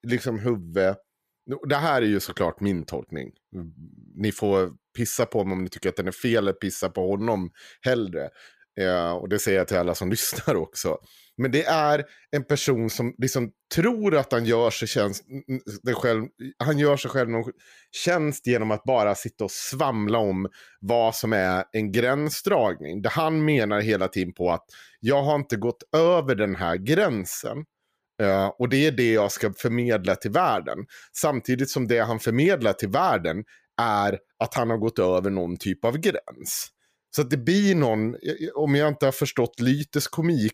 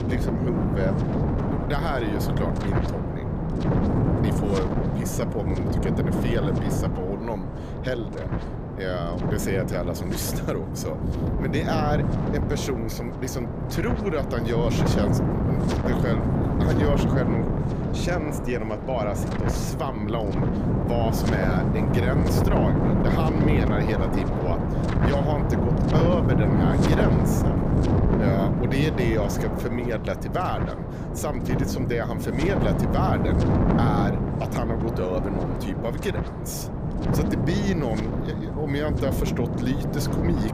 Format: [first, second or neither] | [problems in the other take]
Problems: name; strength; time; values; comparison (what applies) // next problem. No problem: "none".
first | wind noise on the microphone; heavy; as loud as the speech